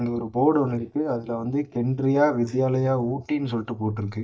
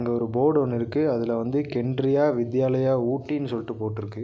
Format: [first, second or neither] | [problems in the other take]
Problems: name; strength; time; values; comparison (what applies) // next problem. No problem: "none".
second | noise reduction (neural mask model DeepFilterNet 3)